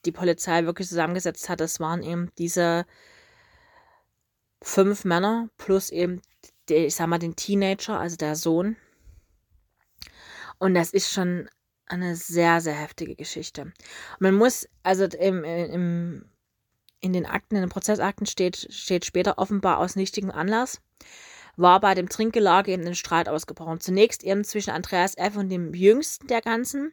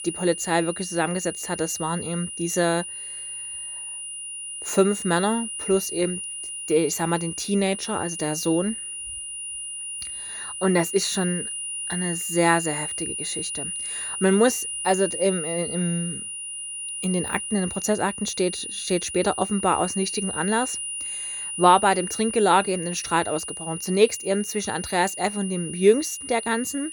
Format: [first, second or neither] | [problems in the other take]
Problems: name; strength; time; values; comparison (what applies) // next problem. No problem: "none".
first | high-pitched whine; loud; throughout; 9.5 kHz, 6 dB below the speech